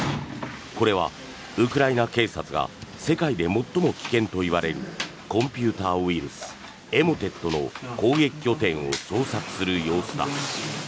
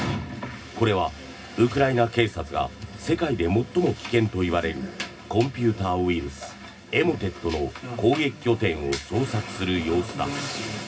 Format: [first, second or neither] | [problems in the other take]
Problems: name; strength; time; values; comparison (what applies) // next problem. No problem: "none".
first | room echo; dies away in 0.4 s